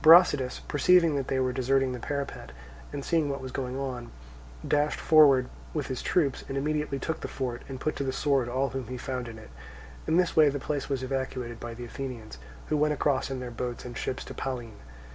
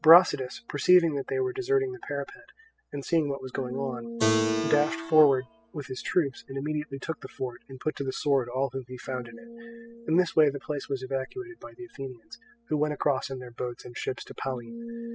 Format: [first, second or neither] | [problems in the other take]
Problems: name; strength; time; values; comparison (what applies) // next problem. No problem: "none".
first | noise reduction (classical method spectral subtraction)